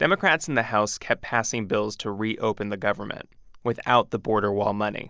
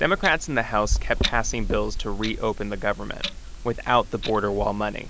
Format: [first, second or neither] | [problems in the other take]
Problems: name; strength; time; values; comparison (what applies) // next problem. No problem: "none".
first | background sound (Clock); 4 dB below the speech